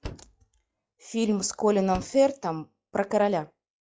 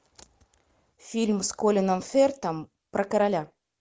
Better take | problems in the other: second | noise reduction (classical method log-MMSE)

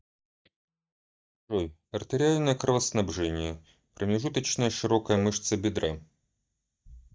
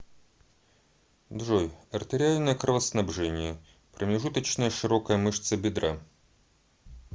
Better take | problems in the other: second | noise reduction (neural mask model DeepFilterNet 3)

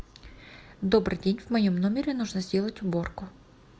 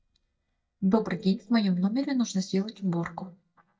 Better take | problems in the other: first | noise reduction (neural mask model DeepFilterNet 3)

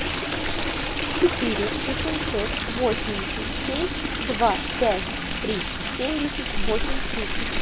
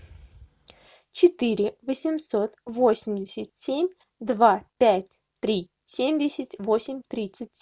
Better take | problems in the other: second | background sound (Stream); 2 dB above the speech

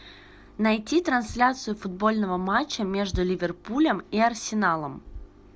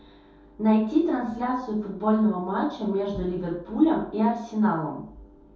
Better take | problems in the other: first | room echo; dies away in 0.6 s

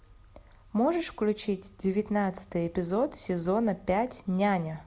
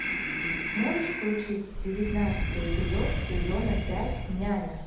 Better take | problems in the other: first | background sound (Breathing); 1 dB above the speech // room echo; dies away in 0.8 s

